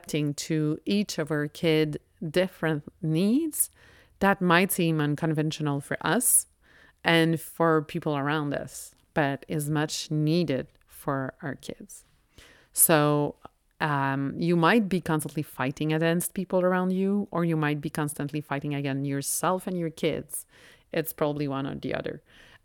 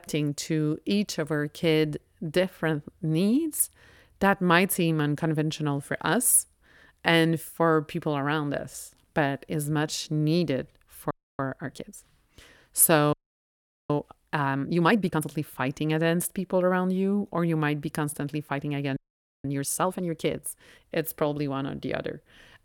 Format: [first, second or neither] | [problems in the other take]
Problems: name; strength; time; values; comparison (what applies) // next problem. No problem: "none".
first | audio freezing; at 11 s, at 13 s for 1 s and at 19 s